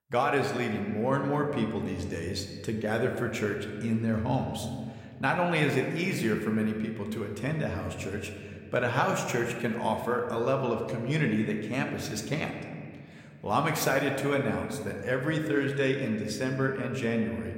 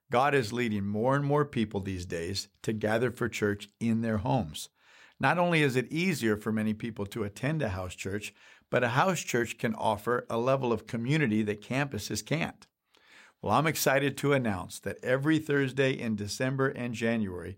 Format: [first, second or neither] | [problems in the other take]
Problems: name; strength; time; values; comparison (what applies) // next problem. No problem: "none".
second | room echo; slight; dies away in 1.8 s